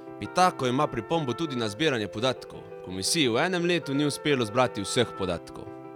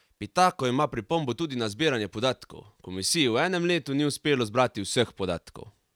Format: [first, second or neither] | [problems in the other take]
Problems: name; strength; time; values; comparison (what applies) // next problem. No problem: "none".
second | background sound (Wind instrument, woodwind instrument + Piano); 14 dB below the speech